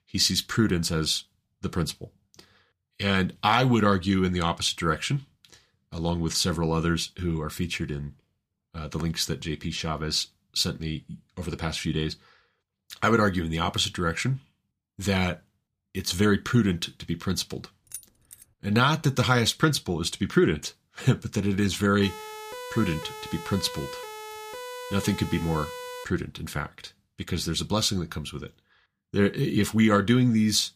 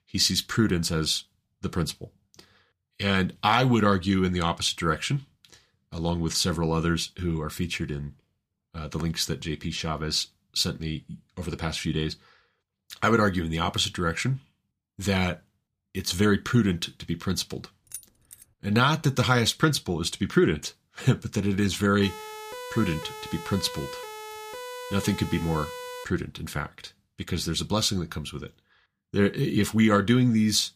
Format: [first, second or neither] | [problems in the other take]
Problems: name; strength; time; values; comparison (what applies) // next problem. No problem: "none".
neither | jangling keys; faint; at 18 s; peak 15 dB below the speech; the same in both // siren; faint; from 22 to 26 s; peak 10 dB below the speech; the same in both